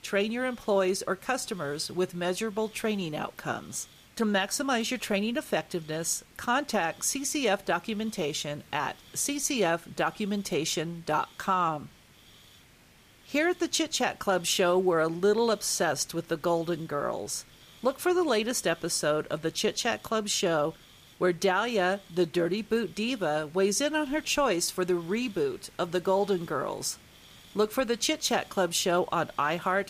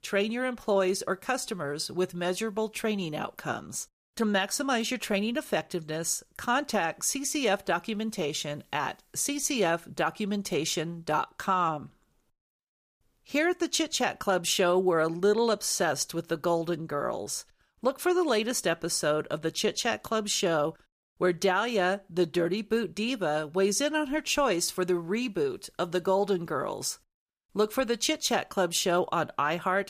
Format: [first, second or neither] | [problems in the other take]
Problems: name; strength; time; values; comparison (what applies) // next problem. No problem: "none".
second | hiss; faint; throughout; 25 dB below the speech